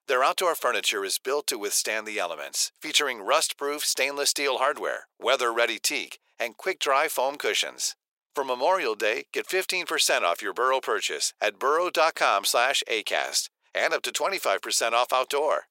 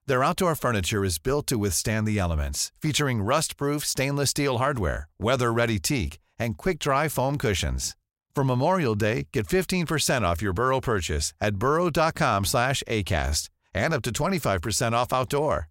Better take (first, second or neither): second